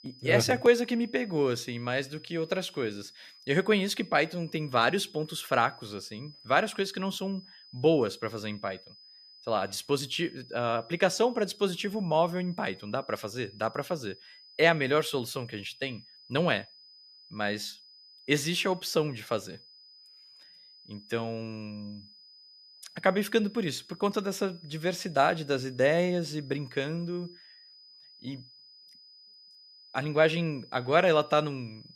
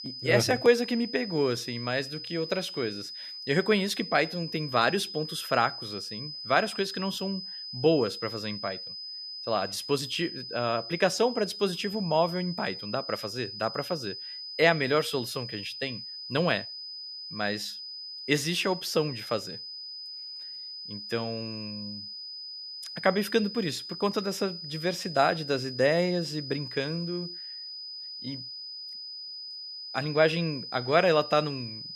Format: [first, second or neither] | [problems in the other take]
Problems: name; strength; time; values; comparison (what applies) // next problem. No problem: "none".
first | high-pitched whine; loud; throughout; 5 kHz, 9 dB below the speech; faint in the first